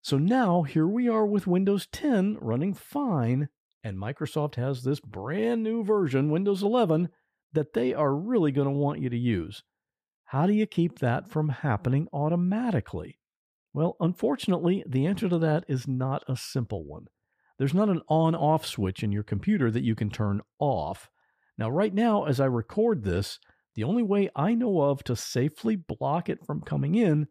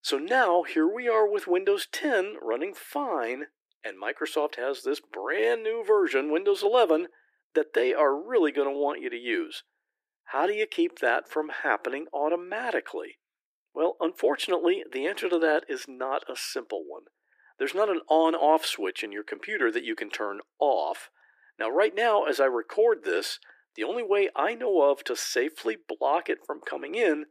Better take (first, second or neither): first